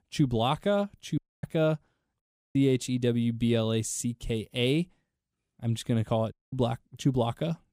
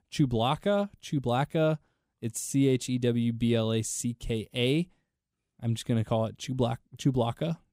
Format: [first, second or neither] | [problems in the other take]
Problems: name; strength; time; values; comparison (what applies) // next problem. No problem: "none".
second | audio cutting out; at 1 s, at 2 s and at 6.5 s